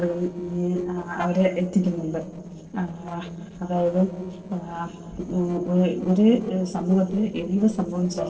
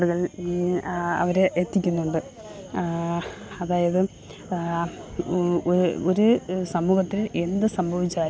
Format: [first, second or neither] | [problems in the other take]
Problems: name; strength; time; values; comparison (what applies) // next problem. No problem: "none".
second | noise reduction (neural separator model SepFormer DNS4)